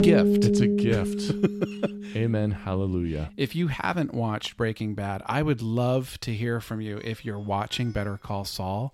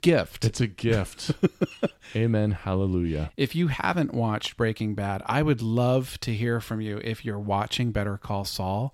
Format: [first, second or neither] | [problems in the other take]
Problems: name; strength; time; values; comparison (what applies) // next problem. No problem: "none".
second | background music; very loud; throughout; 2 dB above the speech